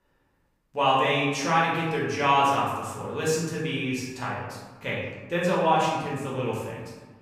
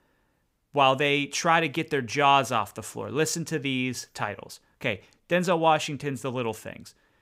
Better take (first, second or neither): second